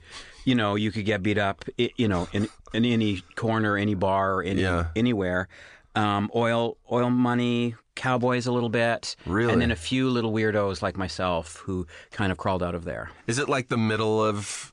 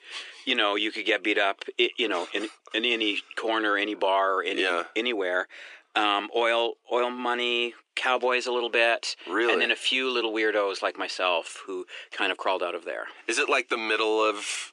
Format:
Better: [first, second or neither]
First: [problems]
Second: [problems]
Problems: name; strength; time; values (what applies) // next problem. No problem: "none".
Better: first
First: none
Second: thin; very; fading below 350 Hz